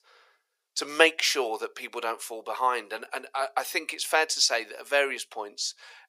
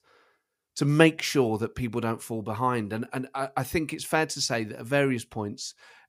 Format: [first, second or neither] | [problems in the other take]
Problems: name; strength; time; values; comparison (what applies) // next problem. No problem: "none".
second | thin; very; fading below 450 Hz